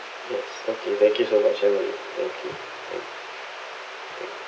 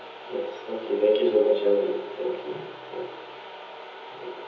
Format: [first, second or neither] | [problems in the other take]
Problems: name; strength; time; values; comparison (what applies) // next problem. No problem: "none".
first | room echo; dies away in 1.3 s